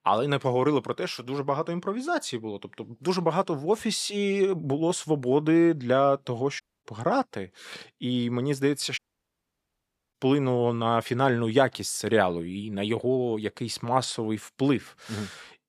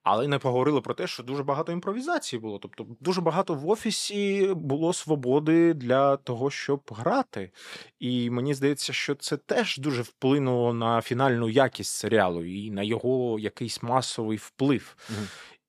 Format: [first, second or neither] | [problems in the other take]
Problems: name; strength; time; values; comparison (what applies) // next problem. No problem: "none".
second | audio cutting out; at 6.5 s and at 9 s for 1 s